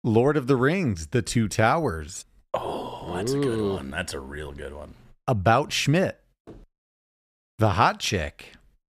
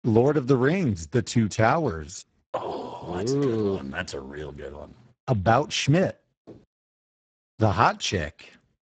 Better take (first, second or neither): first